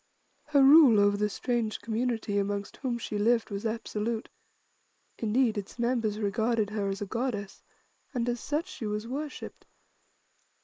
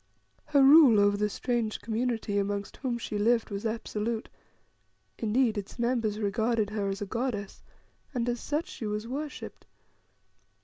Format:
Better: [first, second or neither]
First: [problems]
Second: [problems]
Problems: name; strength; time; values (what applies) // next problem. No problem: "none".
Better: second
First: noise reduction (neural mask model Resemble Enhance denoiser)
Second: none